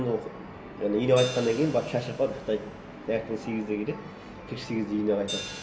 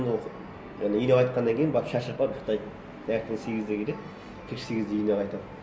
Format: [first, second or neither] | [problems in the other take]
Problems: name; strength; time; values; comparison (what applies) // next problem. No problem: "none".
second | background sound (Hi-hat); 15 dB below the speech